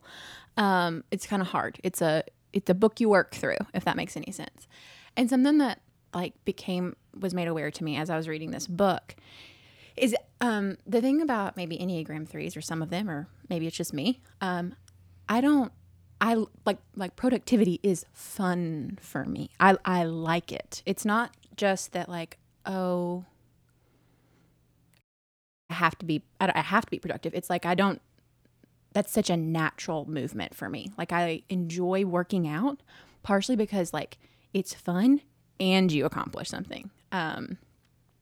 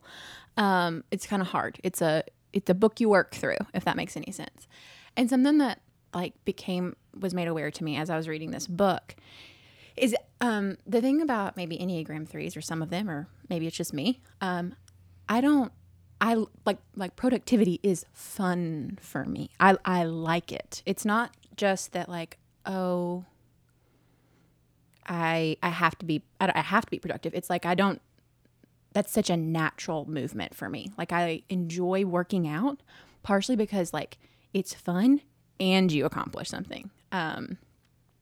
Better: second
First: audio cutting out; at 25 s for 0.5 s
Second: none

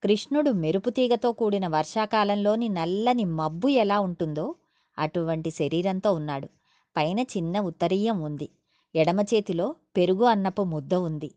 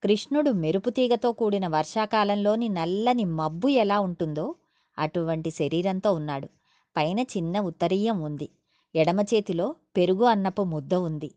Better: neither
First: none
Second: none

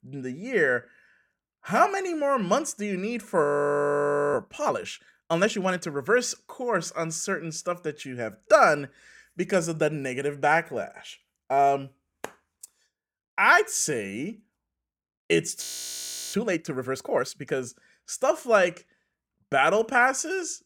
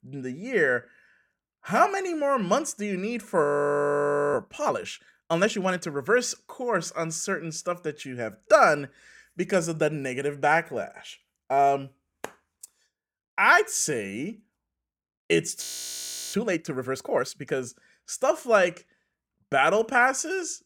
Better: neither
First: audio freezing; at 3.5 s for 1 s and at 16 s for 0.5 s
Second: audio freezing; at 3.5 s for 1 s and at 16 s for 0.5 s

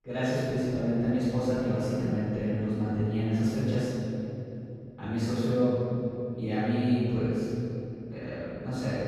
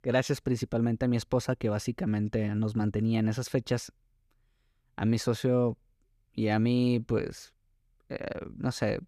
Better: second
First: room echo; strong; dies away in 3 s // off-mic speech; far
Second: none

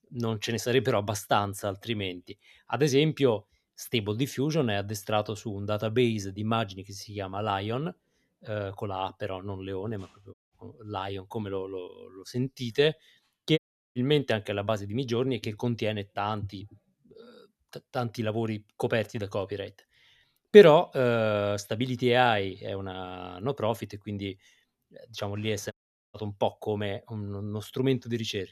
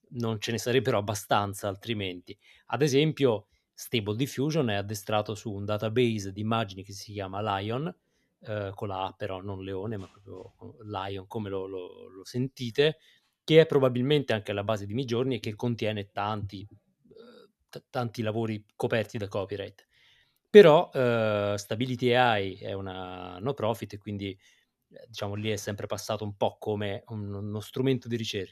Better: second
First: audio cutting out; at 10 s, at 14 s and at 26 s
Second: none

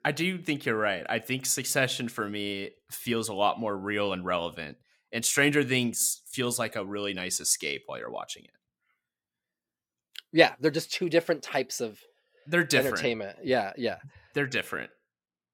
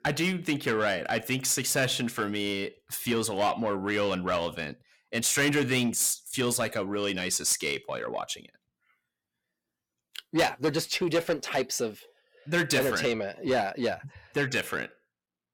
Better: first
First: none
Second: distortion; heavy; 8 dB below the speech

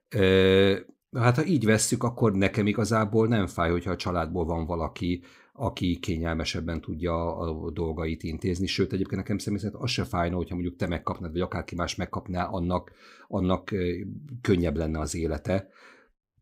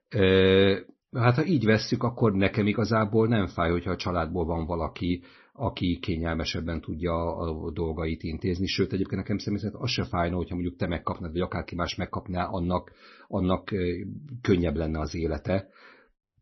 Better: first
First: none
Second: garbled, watery; slightly; nothing above 6 kHz

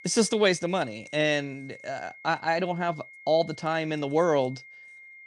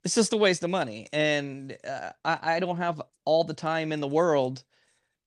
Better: second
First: high-pitched whine; noticeable; throughout; 2 kHz, 20 dB below the speech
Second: none

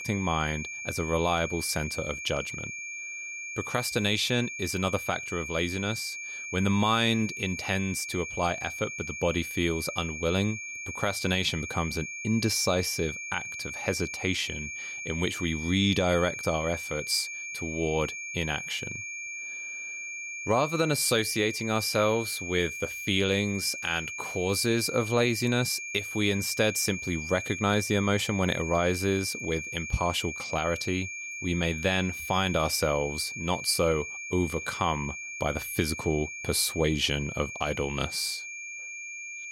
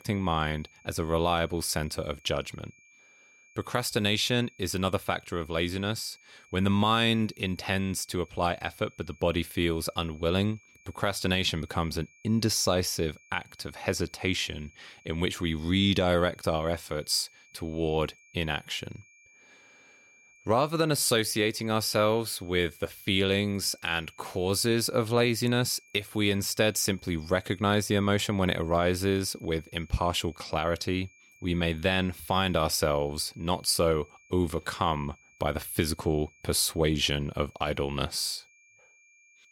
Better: second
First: high-pitched whine; loud; throughout; 2.5 kHz, 7 dB below the speech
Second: high-pitched whine; faint; throughout; 2.5 kHz, 30 dB below the speech

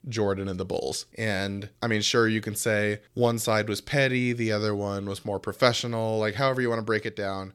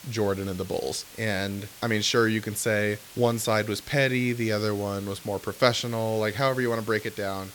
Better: first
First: none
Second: hiss; noticeable; throughout; 15 dB below the speech

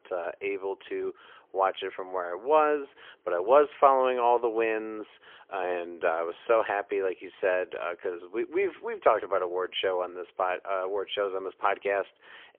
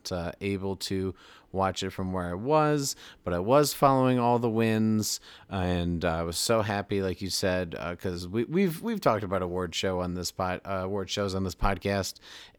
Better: second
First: phone-call audio; poor line; nothing above 3.5 kHz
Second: none

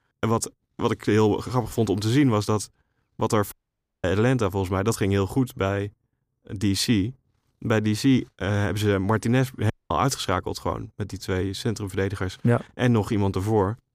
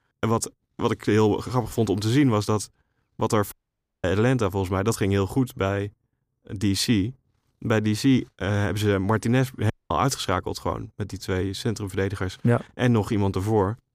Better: neither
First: audio cutting out; at 3.5 s for 0.5 s and at 9.5 s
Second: audio cutting out; at 3.5 s for 0.5 s and at 9.5 s

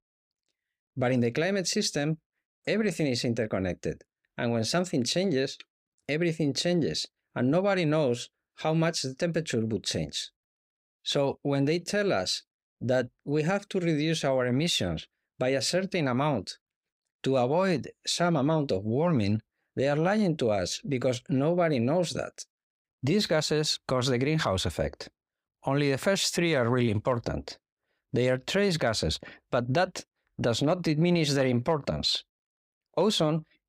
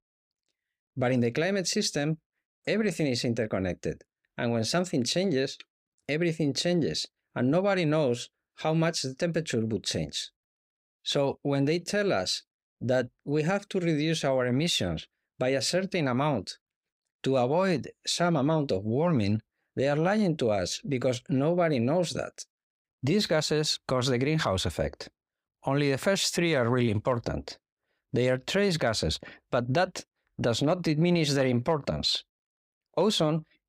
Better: neither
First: none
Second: none

